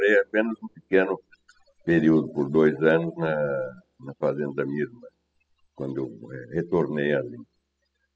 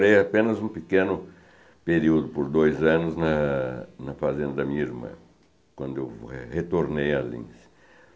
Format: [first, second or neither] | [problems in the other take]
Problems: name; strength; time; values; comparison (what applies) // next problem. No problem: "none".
second | noise reduction (classical method spectral subtraction)